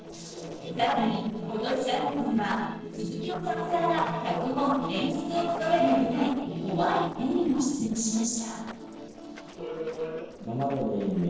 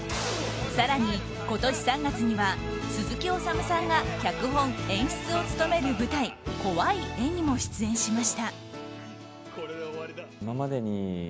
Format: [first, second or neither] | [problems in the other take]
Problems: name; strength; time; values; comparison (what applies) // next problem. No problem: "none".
second | noise reduction (neural separator model SepFormer DNS4)